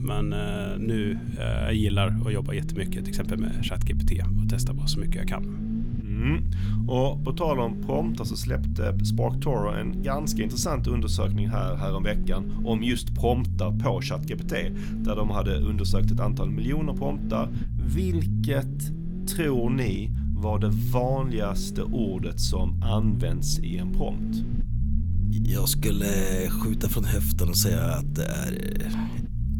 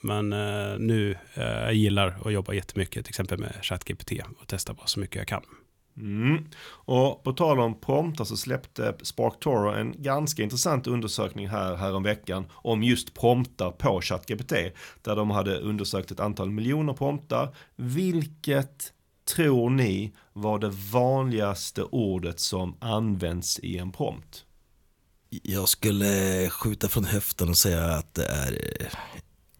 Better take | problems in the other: second | low rumble; loud; throughout; 8 dB below the speech

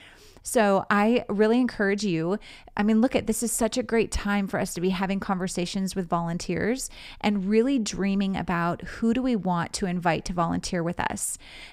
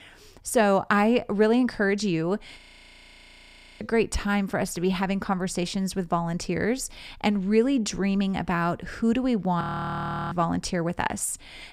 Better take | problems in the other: first | audio freezing; at 2.5 s for 1 s and at 9.5 s for 0.5 s

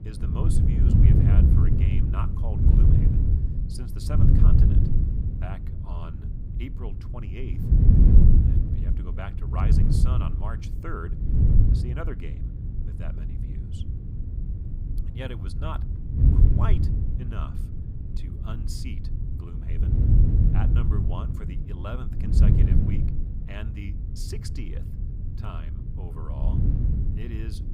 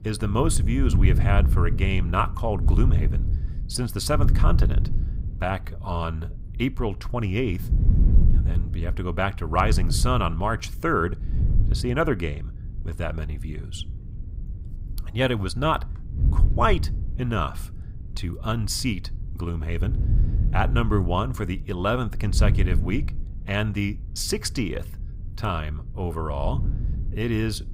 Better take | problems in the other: second | wind noise on the microphone; heavy; 3 dB above the speech; occasional gusts in the second

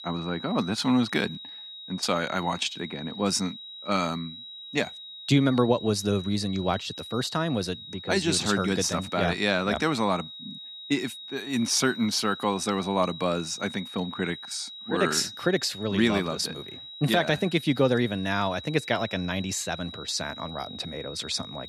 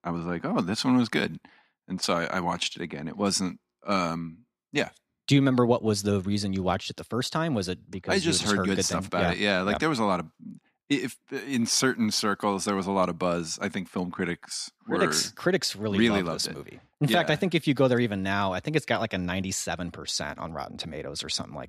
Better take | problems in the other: second | high-pitched whine; noticeable; throughout; 4 kHz, 10 dB below the speech

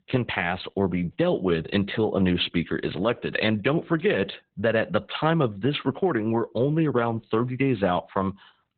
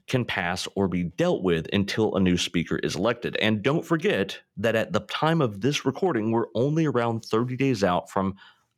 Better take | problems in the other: second | garbled, watery; badly; nothing above 4 kHz

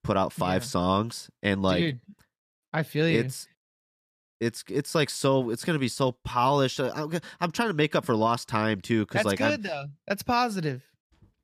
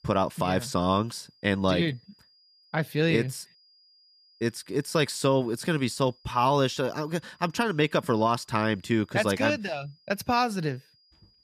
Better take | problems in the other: first | high-pitched whine; faint; throughout; 5 kHz, 30 dB below the speech

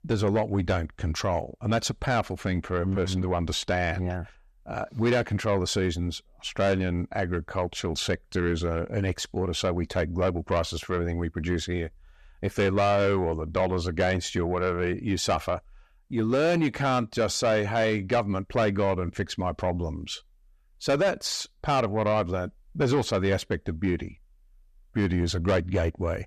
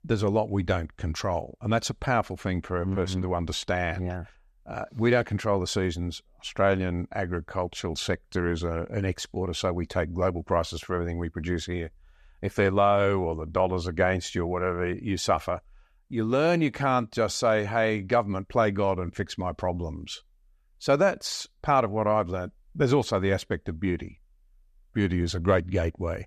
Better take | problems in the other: second | distortion; slight; 10 dB below the speech

